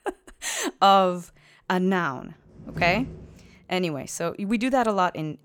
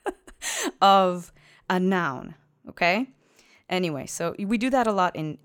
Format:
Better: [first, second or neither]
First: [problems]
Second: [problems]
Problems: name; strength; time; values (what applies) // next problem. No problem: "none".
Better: second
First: door banging; faint; at 2.5 s; peak 10 dB below the speech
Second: none